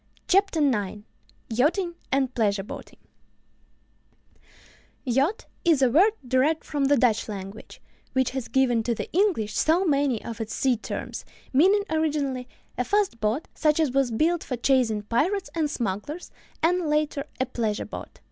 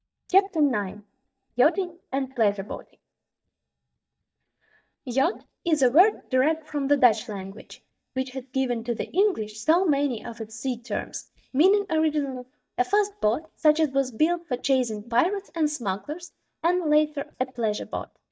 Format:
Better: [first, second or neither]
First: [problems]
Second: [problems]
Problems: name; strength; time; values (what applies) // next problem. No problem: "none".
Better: first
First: none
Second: noise reduction (neural mask model DeepFilterNet 3)